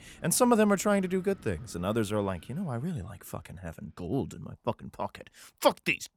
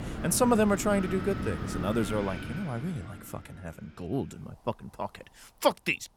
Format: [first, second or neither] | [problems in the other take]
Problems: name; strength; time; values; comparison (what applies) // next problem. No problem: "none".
first | wind in the background; loud; throughout; 7 dB below the speech; faint in the first